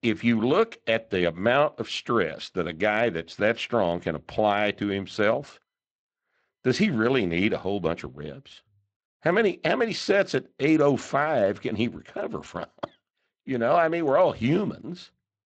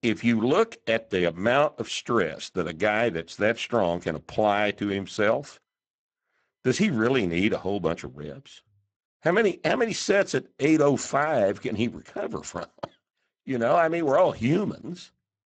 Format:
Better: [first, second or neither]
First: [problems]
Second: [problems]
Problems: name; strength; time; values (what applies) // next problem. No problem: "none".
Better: first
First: garbled, watery; slightly; nothing above 8 kHz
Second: garbled, watery; badly; nothing above 7.5 kHz